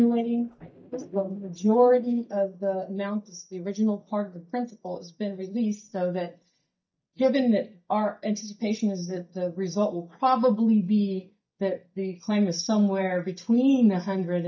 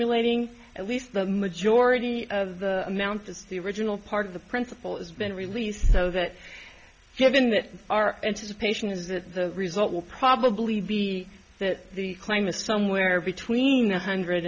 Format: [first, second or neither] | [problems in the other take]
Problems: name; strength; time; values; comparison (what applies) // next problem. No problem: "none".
second | noise reduction (neural mask model DeepFilterNet 3)